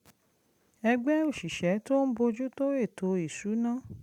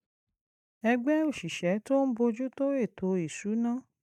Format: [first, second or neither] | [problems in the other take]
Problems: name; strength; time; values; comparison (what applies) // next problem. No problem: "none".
first | noise reduction (neural mask model DeepFilterNet 3)